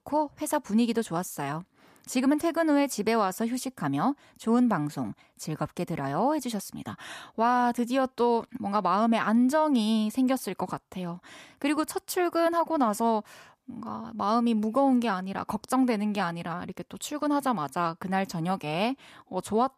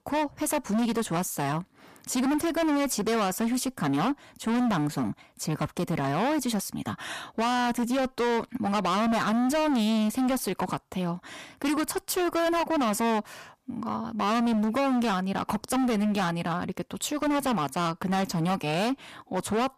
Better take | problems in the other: first | distortion; heavy; 25% of the sound clipped

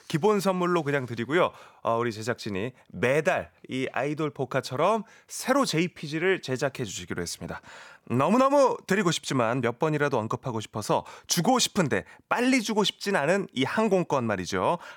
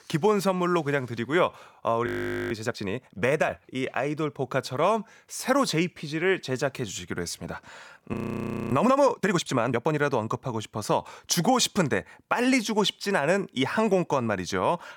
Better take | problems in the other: first | audio freezing; at 2 s and at 8 s for 0.5 s

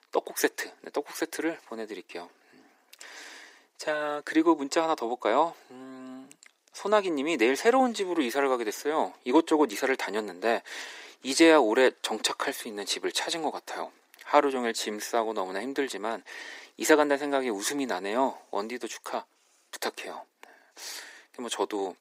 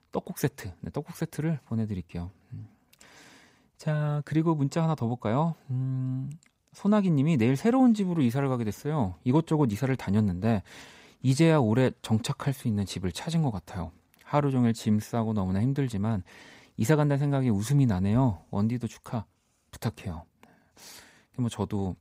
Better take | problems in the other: second | thin; very; fading below 300 Hz

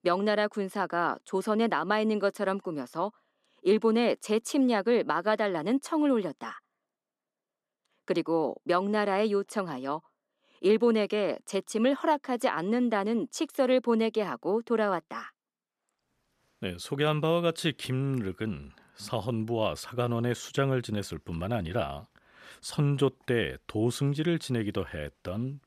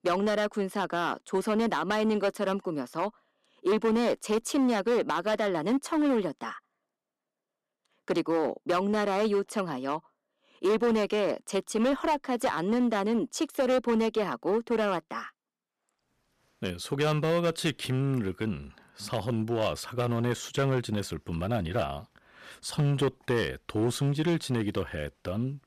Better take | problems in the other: first | distortion; slight; 8% of the sound clipped

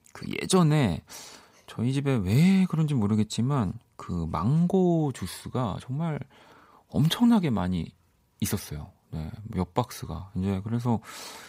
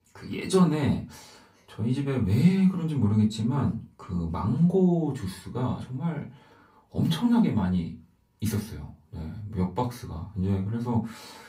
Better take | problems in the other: first | off-mic speech; far // room echo; very slight; dies away in 0.2 s

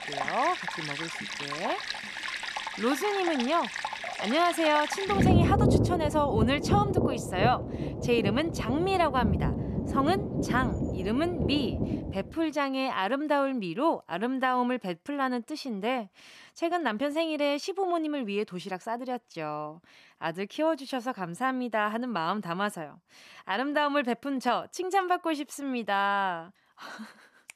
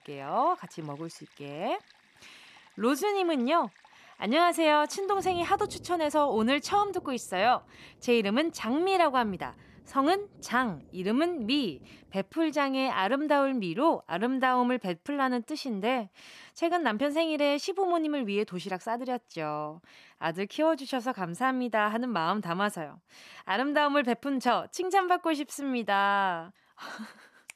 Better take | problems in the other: second | rain or running water; loud; until 12 s; 1 dB below the speech; faint in the second

